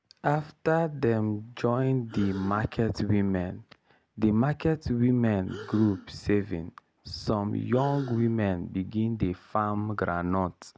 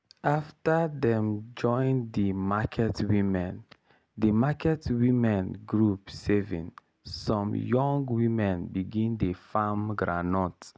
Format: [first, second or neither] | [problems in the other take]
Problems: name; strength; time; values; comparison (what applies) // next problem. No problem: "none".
second | background sound (Breathing); 19 dB below the speech